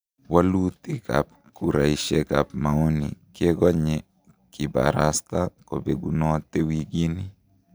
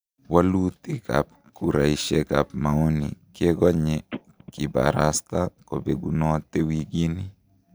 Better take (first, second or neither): first